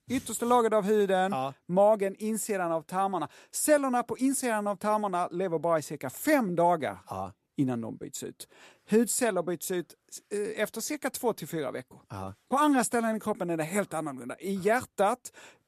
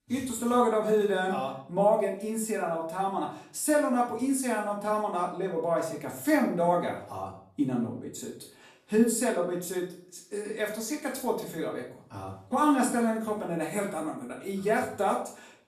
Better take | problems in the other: first | off-mic speech; far // room echo; slight; dies away in 0.5 s

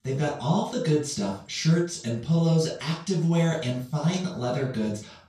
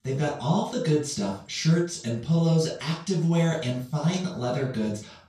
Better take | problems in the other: neither | room echo; noticeable; dies away in 0.3 s; the same in both // off-mic speech; far; the same in both

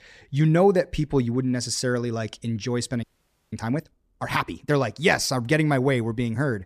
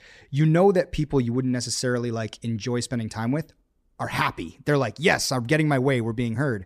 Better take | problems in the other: second | audio freezing; at 3 s

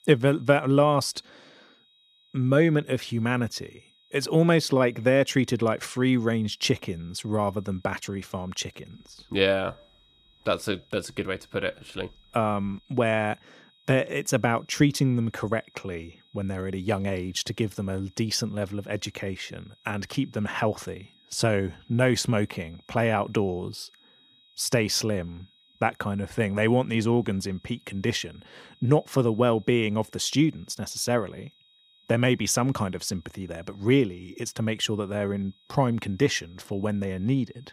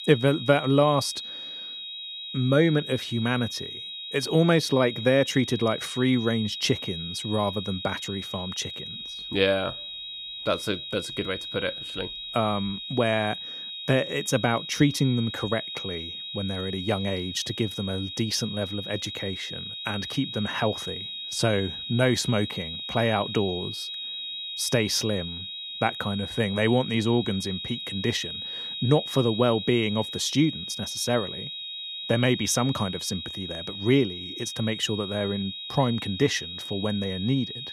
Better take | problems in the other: first | high-pitched whine; loud; throughout; 4 kHz, 7 dB below the speech; faint in the first

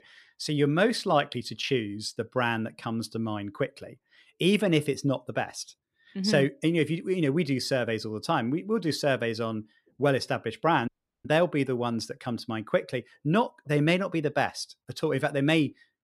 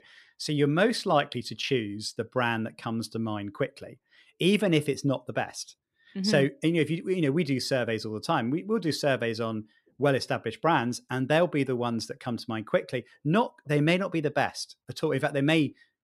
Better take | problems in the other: second | audio cutting out; at 11 s

